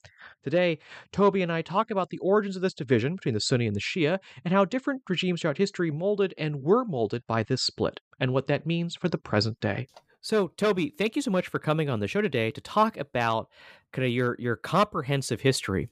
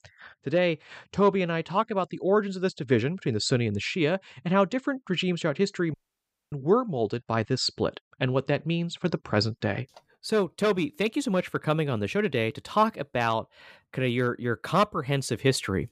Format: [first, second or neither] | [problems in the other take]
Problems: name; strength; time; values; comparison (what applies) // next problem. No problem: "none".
first | audio cutting out; at 6 s for 0.5 s